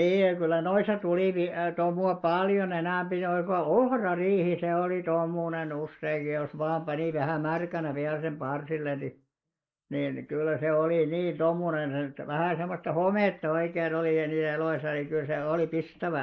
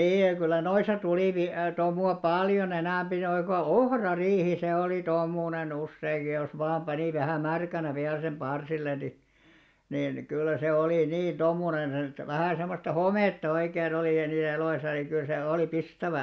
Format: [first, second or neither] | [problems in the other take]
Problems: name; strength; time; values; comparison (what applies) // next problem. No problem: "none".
second | noise reduction (neural mask model Resemble Enhance denoiser)